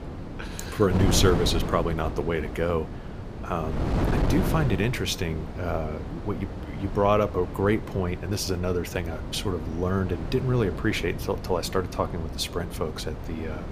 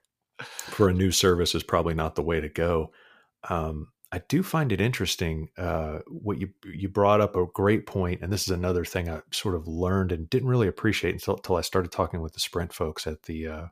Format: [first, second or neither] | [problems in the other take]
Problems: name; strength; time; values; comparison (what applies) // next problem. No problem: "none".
second | wind noise on the microphone; heavy; 9 dB below the speech